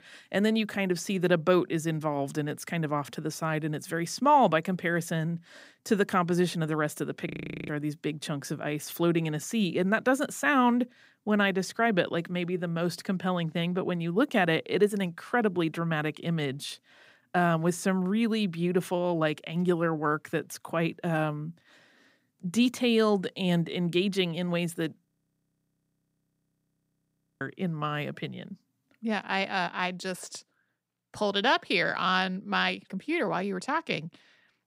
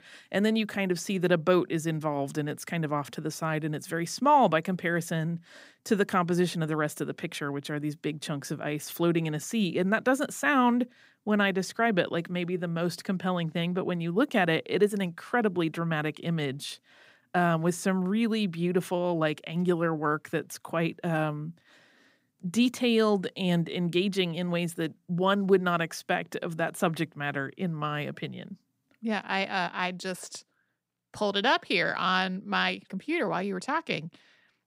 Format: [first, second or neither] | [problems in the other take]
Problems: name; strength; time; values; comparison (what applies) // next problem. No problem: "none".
second | audio freezing; at 7.5 s and at 25 s for 2.5 s